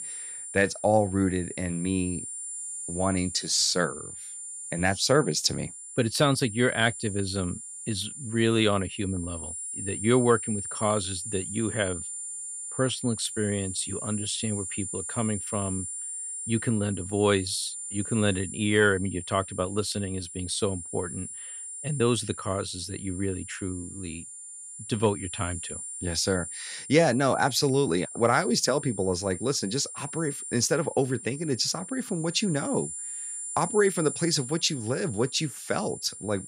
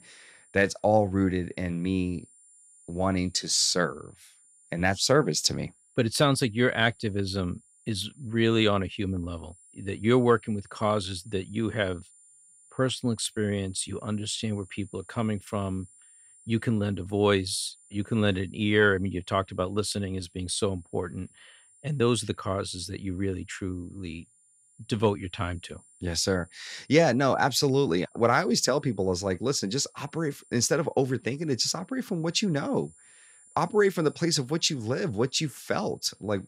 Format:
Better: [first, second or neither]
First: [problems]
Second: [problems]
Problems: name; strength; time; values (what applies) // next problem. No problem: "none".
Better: second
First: high-pitched whine; loud; throughout; 9.5 kHz, 8 dB below the speech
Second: high-pitched whine; faint; throughout; 9.5 kHz, 30 dB below the speech